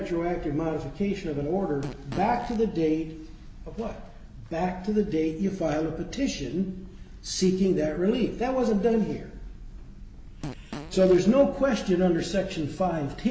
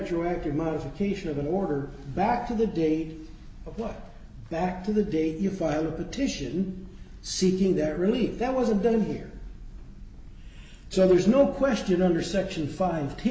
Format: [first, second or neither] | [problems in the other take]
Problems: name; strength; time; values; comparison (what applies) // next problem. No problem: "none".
second | background sound (Fart); 14 dB below the speech